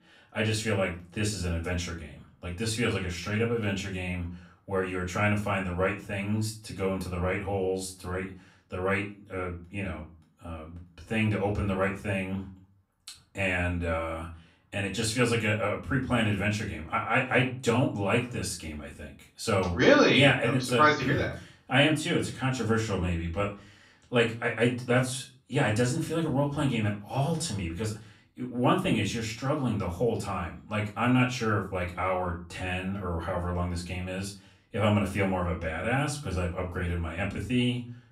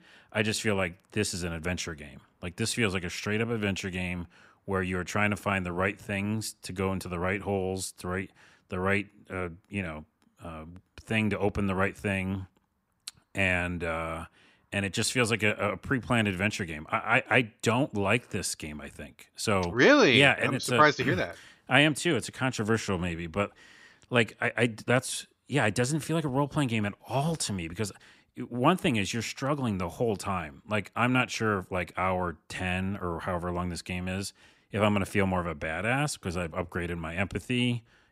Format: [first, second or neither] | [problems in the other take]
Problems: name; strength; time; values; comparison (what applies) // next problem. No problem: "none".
second | off-mic speech; far // room echo; slight; dies away in 0.3 s